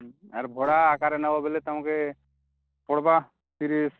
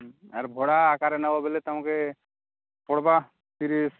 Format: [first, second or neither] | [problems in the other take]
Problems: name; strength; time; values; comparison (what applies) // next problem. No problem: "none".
second | noise reduction (neural separator model SepFormer DNS4)